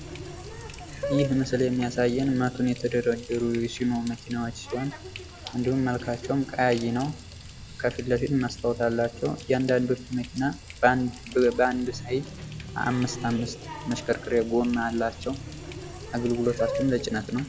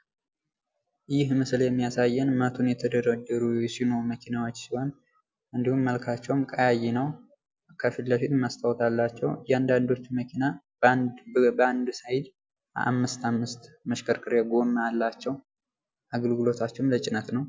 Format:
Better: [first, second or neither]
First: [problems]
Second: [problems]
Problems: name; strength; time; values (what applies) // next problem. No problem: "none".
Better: second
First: background sound (Water tap, faucet); 11 dB below the speech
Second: none